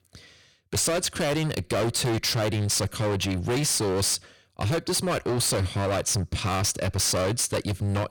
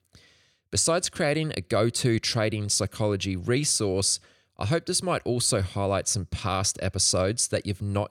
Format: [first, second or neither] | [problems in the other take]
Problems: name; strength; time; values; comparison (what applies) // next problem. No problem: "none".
second | distortion; heavy; 30% of the sound clipped